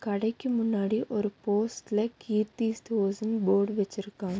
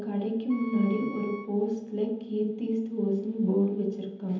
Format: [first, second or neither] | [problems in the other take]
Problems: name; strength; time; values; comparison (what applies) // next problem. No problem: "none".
first | background sound (Wind instrument, woodwind instrument); 17 dB below the speech // room echo; dies away in 0.9 s